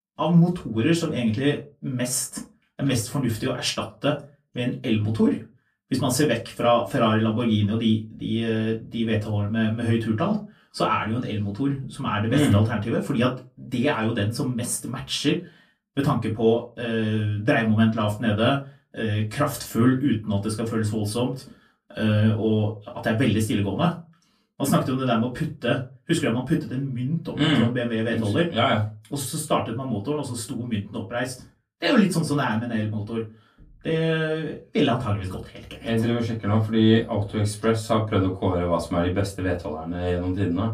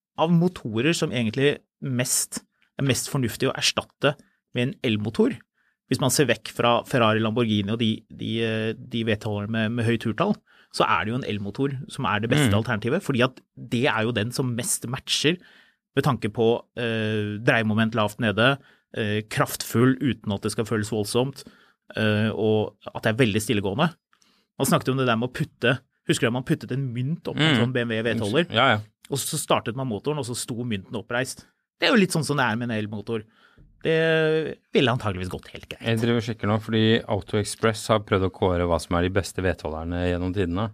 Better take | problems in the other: second | off-mic speech; far // room echo; very slight; dies away in 0.2 s

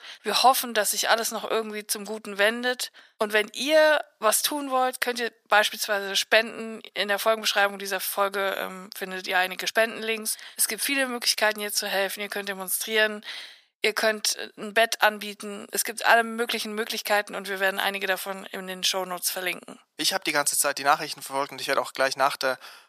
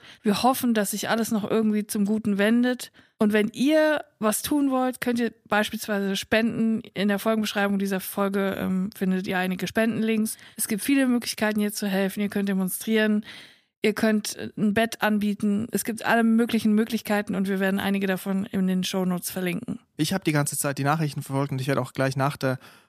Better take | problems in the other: second | thin; very; fading below 700 Hz

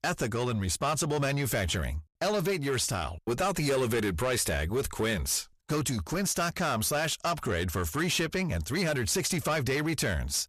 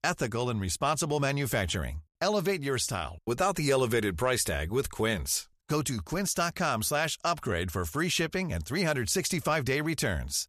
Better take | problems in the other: second | distortion; slight; 10 dB below the speech

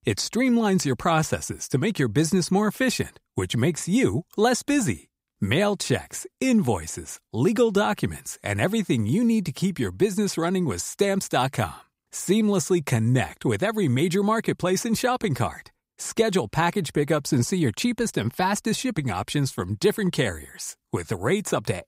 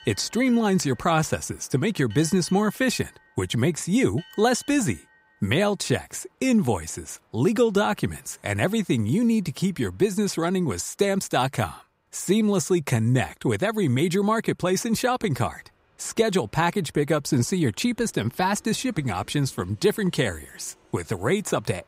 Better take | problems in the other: first | train or aircraft noise; faint; throughout; 30 dB below the speech

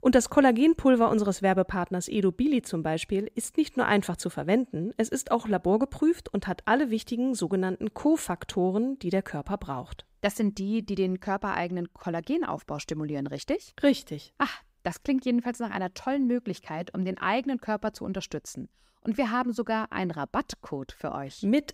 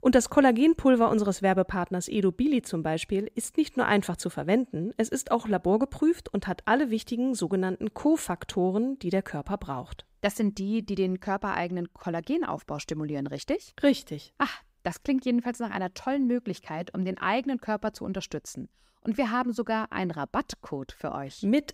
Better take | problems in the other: neither | none

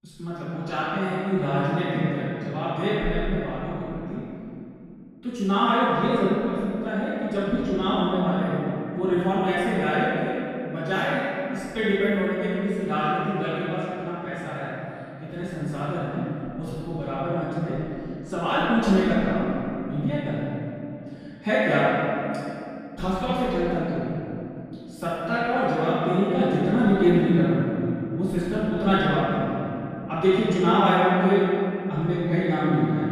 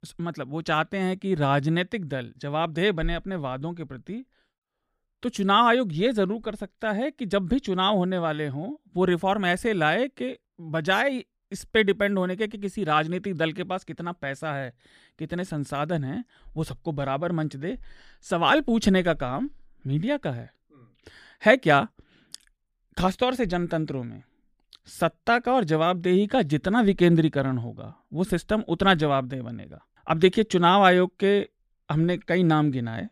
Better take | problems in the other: second | off-mic speech; far // room echo; strong; dies away in 2.7 s

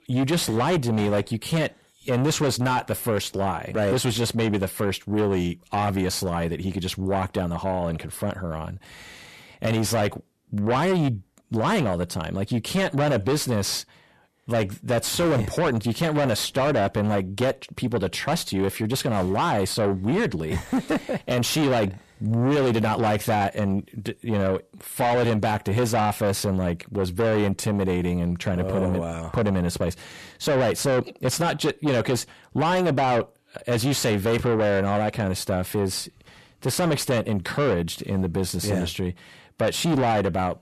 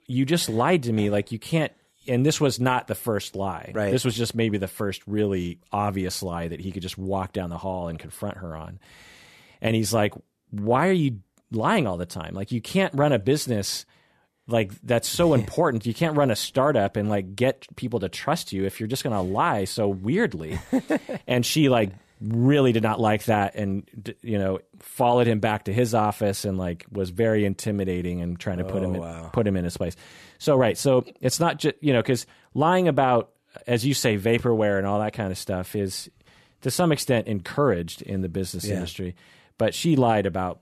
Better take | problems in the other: second | distortion; heavy; 7 dB below the speech

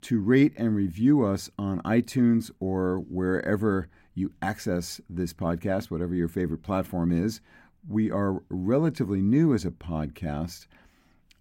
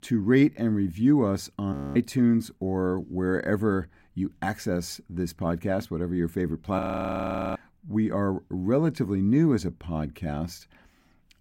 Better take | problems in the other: first | audio freezing; at 1.5 s and at 7 s for 1 s

